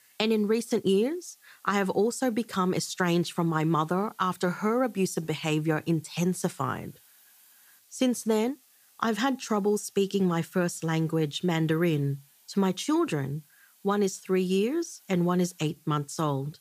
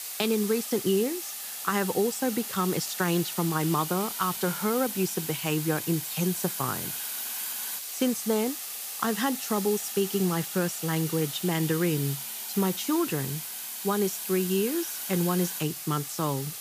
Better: first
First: hiss; faint; throughout; 30 dB below the speech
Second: hiss; loud; throughout; 4 dB below the speech

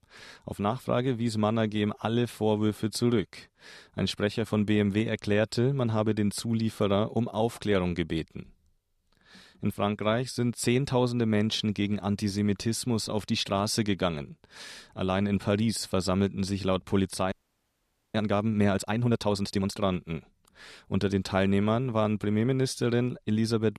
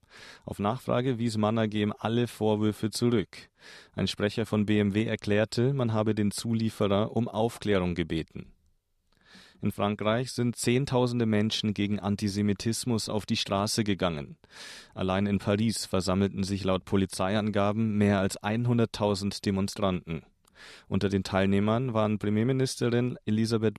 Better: second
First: audio freezing; at 17 s for 1 s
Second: none

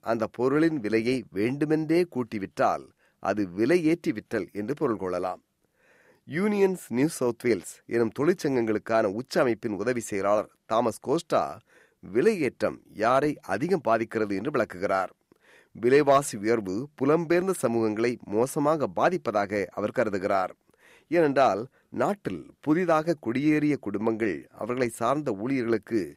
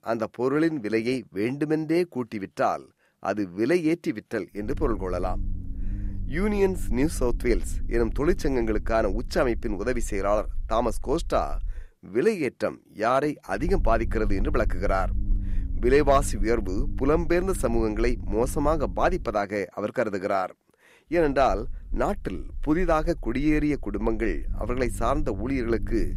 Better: first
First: none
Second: low rumble; faint; from 4.5 to 12 s, from 14 to 19 s and from 21 s on; 25 dB below the speech

